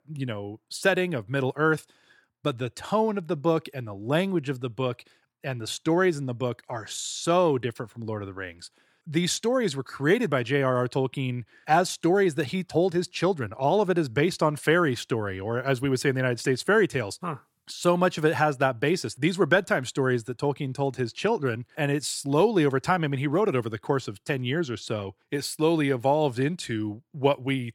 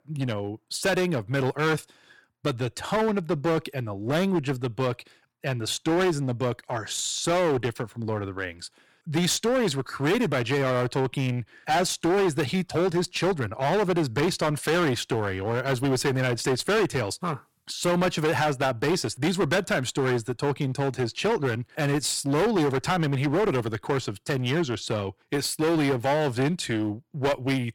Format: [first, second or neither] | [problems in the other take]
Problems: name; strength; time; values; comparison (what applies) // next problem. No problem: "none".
first | distortion; heavy; 17% of the sound clipped